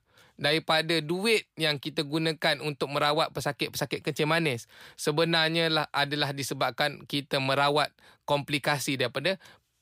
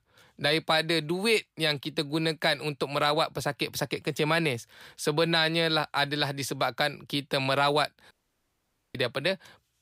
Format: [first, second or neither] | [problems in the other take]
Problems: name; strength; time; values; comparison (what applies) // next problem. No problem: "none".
first | audio cutting out; at 8 s for 1 s